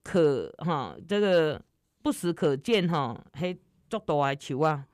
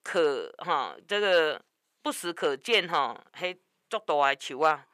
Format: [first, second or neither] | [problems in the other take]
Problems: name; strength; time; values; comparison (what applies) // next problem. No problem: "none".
first | thin; very; fading below 550 Hz